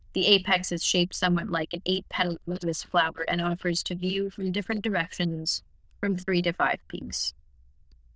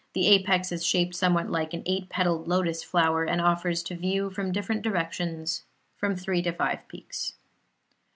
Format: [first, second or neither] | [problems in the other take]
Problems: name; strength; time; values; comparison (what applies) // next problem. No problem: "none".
second | noise reduction (neural diffusion model UNIVERSE++)